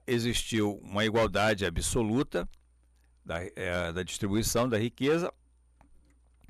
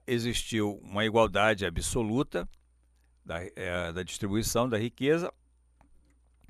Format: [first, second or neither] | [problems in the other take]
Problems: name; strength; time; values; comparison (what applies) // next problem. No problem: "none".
second | distortion; slight; 3% of the sound clipped